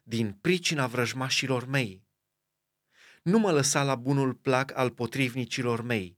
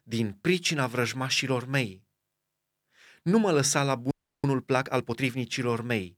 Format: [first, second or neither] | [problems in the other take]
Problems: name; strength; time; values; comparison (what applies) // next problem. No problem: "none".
first | audio freezing; at 4 s